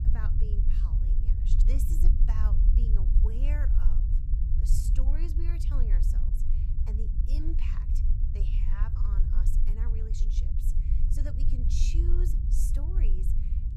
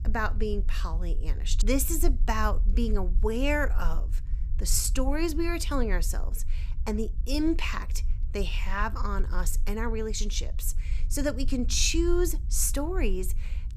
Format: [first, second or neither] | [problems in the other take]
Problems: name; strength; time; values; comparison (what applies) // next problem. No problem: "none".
second | low rumble; loud; throughout; 1 dB below the speech; faint in the second